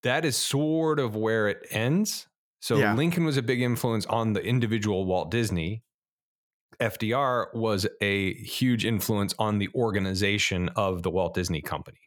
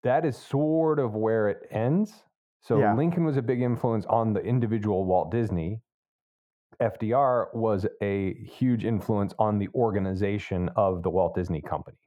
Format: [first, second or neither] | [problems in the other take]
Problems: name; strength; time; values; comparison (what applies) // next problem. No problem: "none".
first | muffled; very; fading above 2 kHz